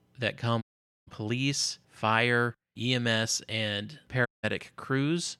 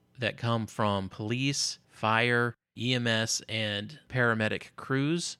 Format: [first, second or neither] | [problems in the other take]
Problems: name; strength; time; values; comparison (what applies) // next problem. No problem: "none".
second | audio cutting out; at 0.5 s and at 4.5 s